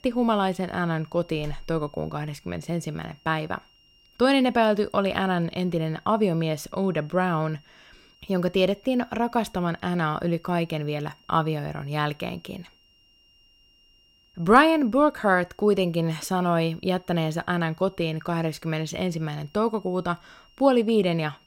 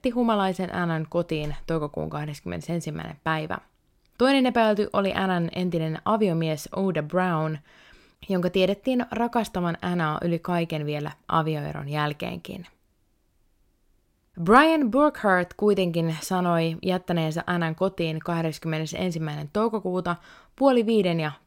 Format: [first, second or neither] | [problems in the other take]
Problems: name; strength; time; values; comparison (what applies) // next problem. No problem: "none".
second | high-pitched whine; faint; throughout; 3 kHz, 30 dB below the speech